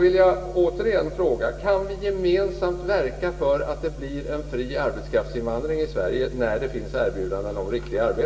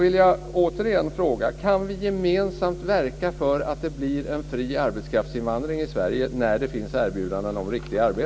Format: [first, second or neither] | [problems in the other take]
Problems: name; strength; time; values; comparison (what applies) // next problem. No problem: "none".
second | room echo; dies away in 0.9 s